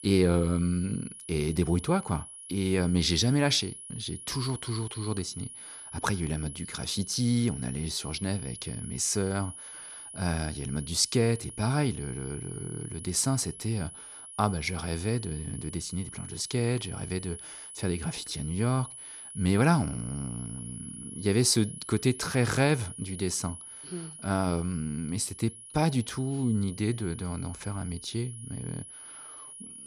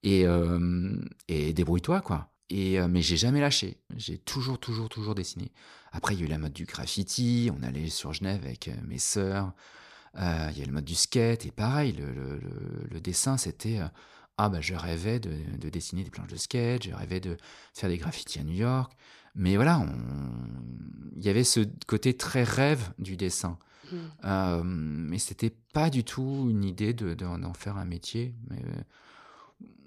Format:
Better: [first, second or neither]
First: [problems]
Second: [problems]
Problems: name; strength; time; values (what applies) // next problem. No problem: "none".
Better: second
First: high-pitched whine; noticeable; throughout; 10.5 kHz, 10 dB below the speech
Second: none